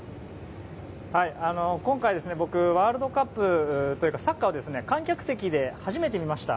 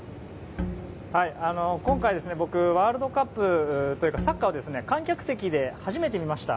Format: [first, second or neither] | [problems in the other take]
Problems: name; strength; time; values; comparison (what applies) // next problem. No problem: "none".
first | background sound (Bowed string instrument); 10 dB below the speech